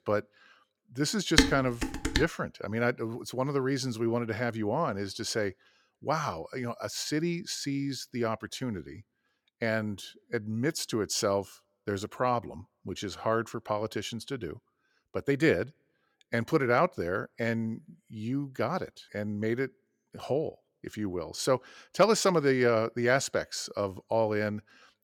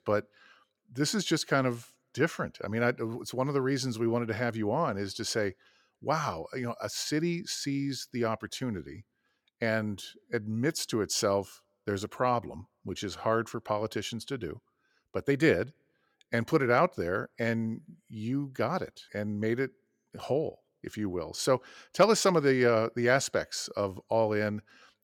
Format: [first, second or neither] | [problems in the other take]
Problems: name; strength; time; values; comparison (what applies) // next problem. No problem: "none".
second | clattering dishes; loud; at 1.5 s; peak 6 dB above the speech